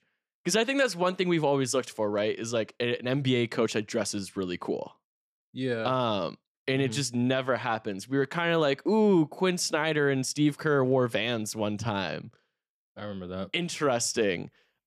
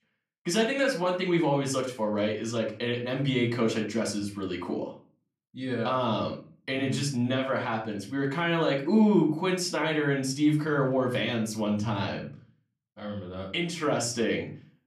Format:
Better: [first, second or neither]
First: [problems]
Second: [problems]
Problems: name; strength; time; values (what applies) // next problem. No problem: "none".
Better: first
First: none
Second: off-mic speech; somewhat distant // room echo; slight; dies away in 0.4 s